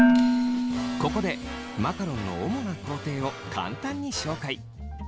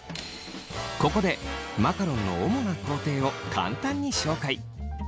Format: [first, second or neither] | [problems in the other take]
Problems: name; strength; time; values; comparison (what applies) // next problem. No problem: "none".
second | background sound (Dishes, pots, and pans); 3 dB above the speech